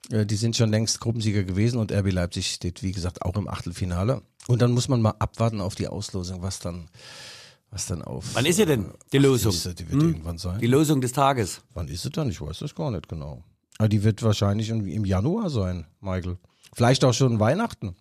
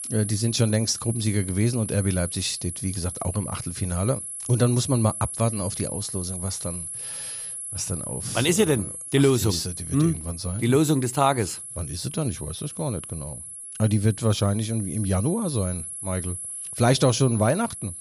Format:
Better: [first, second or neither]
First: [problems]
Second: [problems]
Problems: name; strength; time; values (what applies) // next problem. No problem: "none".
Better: first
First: none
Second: high-pitched whine; loud; throughout; 11 kHz, 8 dB below the speech